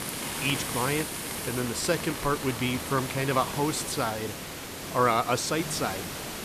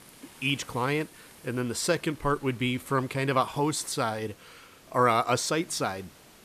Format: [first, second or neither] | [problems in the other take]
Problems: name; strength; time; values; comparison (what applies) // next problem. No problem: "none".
second | hiss; loud; throughout; 5 dB below the speech; faint in the second